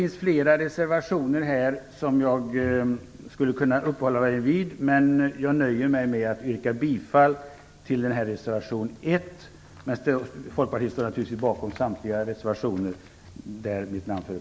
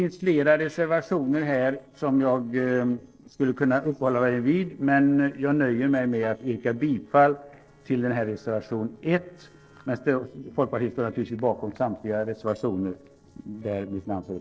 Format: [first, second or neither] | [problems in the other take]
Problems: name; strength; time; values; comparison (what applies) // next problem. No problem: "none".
first | noise reduction (neural separator model SepFormer DNS4)